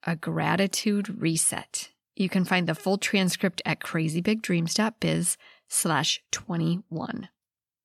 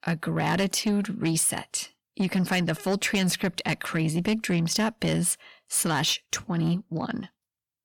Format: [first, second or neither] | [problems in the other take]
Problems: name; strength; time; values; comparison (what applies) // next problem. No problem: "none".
first | distortion; slight; 10 dB below the speech